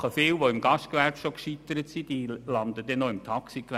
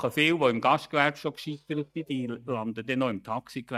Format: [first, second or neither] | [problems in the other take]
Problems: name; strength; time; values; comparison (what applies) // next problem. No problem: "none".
first | noise reduction (neural mask model DeepFilterNet 3)